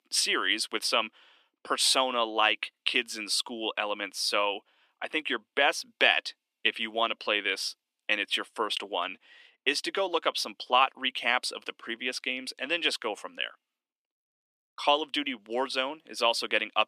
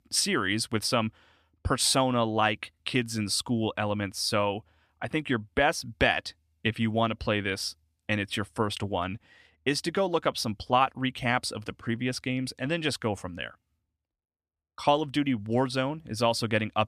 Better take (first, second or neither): second